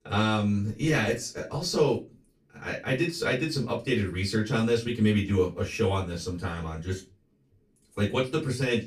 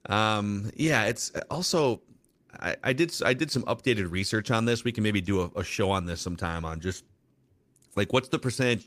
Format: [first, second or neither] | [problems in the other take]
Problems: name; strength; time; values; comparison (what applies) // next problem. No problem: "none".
second | off-mic speech; far // room echo; very slight; dies away in 0.2 s